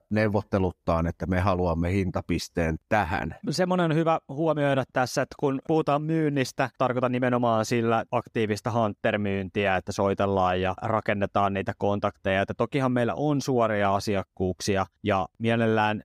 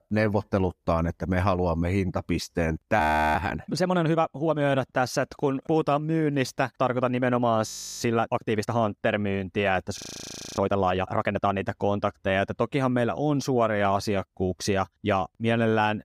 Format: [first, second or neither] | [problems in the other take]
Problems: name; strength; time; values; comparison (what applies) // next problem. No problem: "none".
first | audio freezing; at 3 s, at 7.5 s and at 10 s for 0.5 s